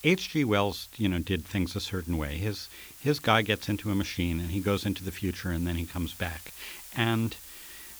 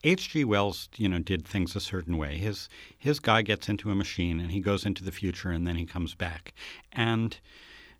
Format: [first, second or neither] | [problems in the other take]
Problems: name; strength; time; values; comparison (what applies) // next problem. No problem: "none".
second | hiss; noticeable; throughout; 15 dB below the speech